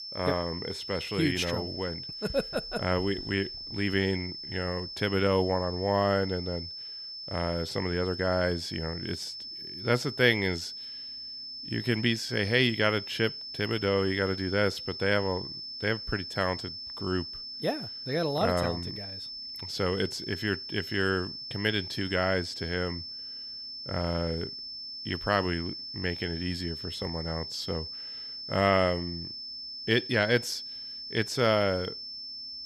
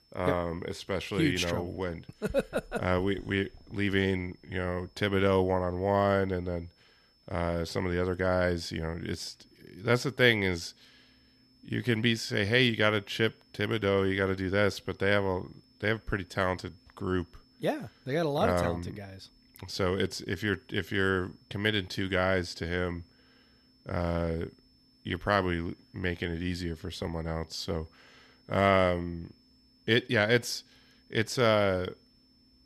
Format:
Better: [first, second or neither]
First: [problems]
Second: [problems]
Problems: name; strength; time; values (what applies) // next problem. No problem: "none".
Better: second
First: high-pitched whine; loud; throughout; 5.5 kHz, 7 dB below the speech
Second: high-pitched whine; faint; throughout; 5.5 kHz, 35 dB below the speech